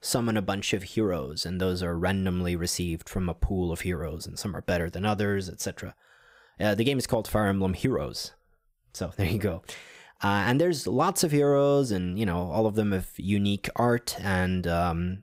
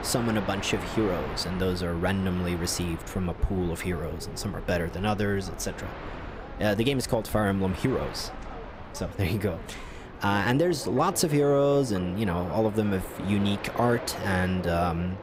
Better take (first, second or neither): first